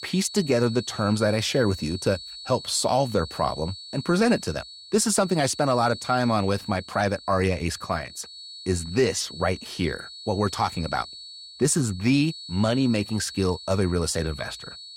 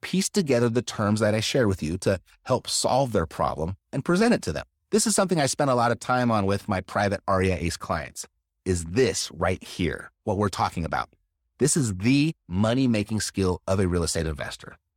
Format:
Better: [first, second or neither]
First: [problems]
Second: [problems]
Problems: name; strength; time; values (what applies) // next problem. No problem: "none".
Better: second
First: high-pitched whine; noticeable; throughout; 4.5 kHz, 15 dB below the speech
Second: none